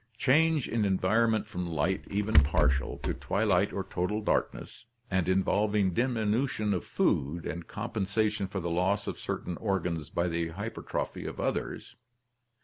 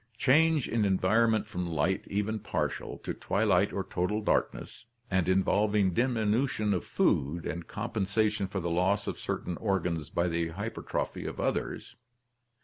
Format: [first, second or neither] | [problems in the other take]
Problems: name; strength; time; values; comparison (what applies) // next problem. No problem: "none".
second | background sound (Rattle / Breathing); 1 dB below the speech